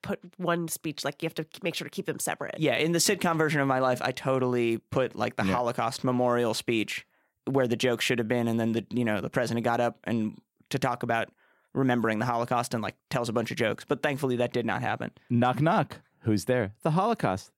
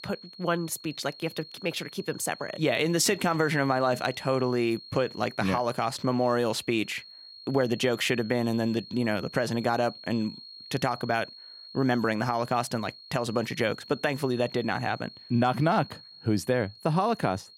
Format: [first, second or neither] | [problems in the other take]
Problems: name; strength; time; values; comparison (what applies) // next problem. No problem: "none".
first | high-pitched whine; noticeable; throughout; 4.5 kHz, 15 dB below the speech